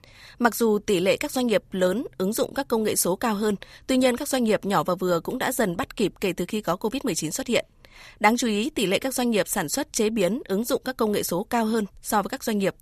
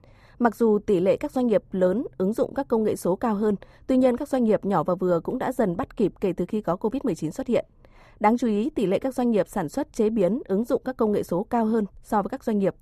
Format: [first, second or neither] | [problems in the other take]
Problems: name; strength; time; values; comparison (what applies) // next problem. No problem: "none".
first | muffled; very; fading above 1.5 kHz